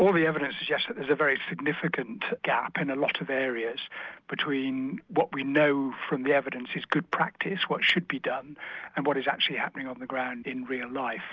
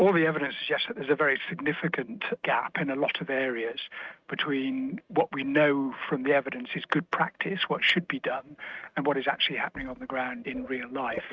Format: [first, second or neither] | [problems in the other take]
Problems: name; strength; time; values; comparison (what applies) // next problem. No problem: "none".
first | noise reduction (neural mask model RNNoise)